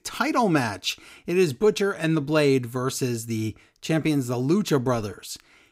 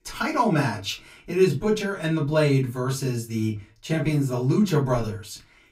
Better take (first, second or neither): first